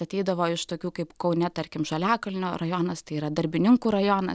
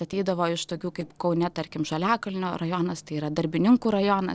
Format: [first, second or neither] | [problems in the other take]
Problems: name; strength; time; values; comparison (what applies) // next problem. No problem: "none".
first | noise reduction (neural separator model SepFormer DNS4)